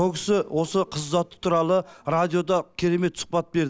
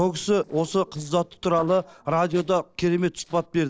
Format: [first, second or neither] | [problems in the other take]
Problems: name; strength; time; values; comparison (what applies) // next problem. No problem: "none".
first | noise reduction (neural separator model SepFormer DNS4)